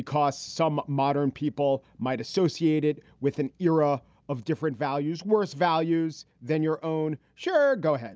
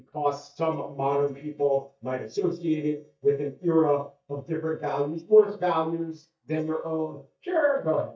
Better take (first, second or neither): first